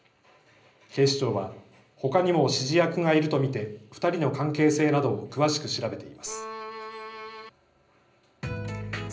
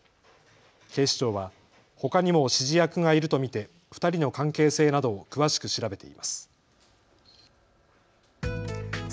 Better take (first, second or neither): second